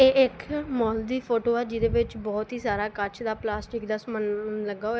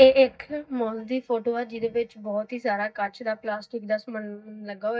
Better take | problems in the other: first | noise reduction (neural mask model DeepFilterNet 3)

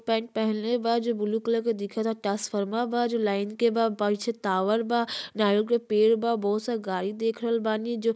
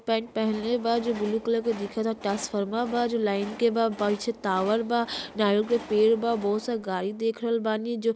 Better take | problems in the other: first | background sound (Train); 18 dB below the speech

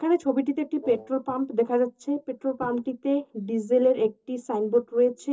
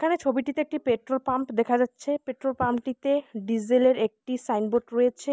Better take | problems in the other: second | noise reduction (neural separator model SepFormer DNS4)

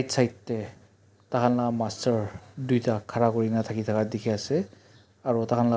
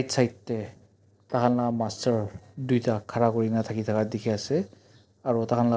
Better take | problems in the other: first | noise reduction (neural separator model SepFormer DNS4)

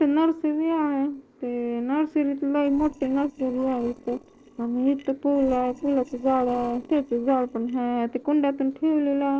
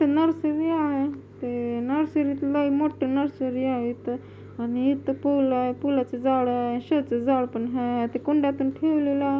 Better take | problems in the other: second | noise reduction (neural separator model SepFormer DNS4)

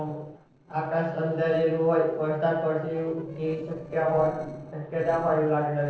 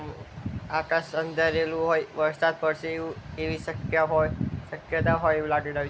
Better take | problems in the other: second | noise reduction (neural separator model SepFormer DNS4)

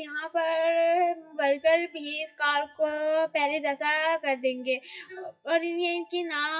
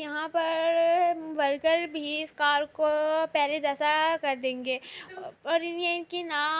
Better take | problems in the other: second | noise reduction (classical method WPE with log-MMSE)

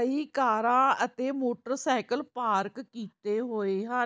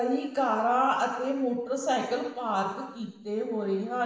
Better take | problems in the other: first | room echo; dies away in 1 s

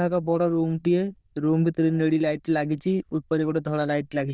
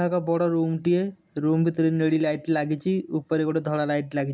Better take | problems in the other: second | noise reduction (neural diffusion model UNIVERSE++)

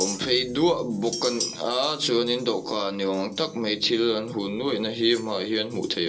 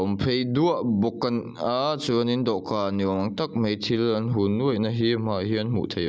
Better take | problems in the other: second | background sound (Chink, clink); 14 dB below the speech // room echo; dies away in 0.2 s

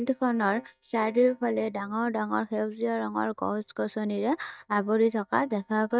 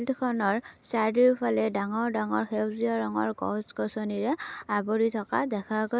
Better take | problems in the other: second | noise reduction (neural mask model DeepFilterNet 3)

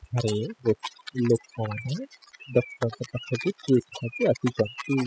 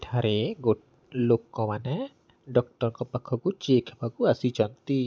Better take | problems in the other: second | noise reduction (classical method spectral subtraction)

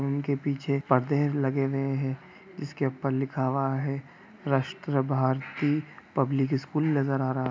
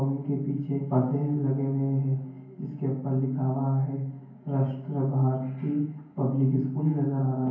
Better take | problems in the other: first | room echo; dies away in 0.9 s

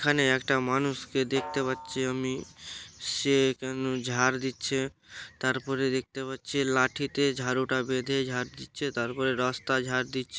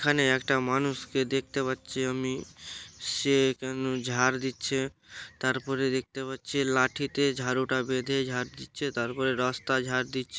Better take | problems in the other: second | background sound (Snare drum); 17 dB below the speech

